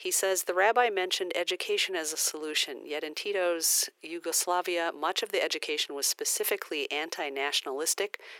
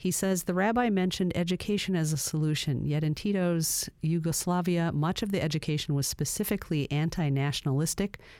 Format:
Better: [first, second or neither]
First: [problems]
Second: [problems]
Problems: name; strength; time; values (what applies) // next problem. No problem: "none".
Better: second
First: thin; very; fading below 400 Hz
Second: none